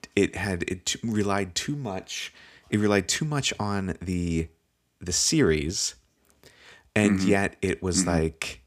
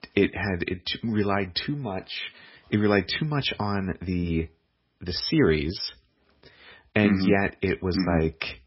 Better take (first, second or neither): first